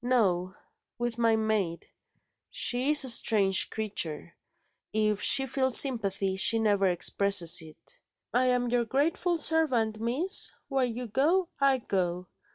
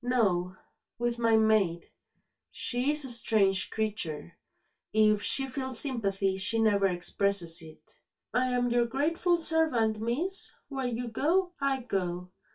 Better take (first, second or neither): first